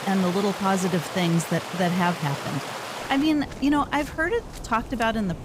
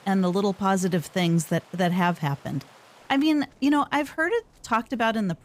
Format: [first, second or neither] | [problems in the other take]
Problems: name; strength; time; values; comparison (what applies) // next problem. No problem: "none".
second | rain or running water; loud; throughout; 9 dB below the speech; faint in the second